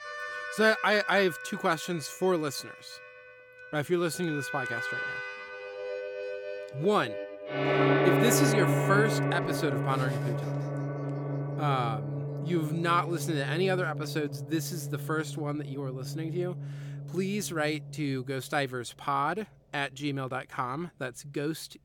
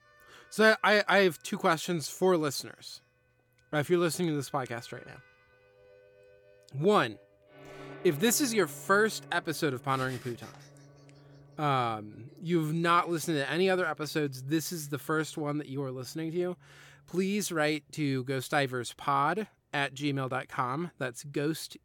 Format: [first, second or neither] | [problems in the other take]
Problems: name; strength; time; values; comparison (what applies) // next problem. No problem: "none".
second | background music; loud; throughout; 2 dB below the speech; faint in the second